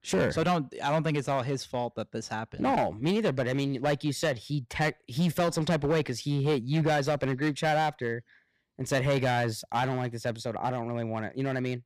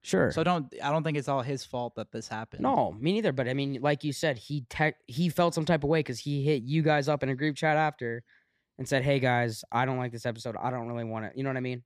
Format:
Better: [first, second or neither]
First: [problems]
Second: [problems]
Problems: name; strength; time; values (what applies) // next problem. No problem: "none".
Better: second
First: distortion; slight; 8% of the sound clipped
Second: none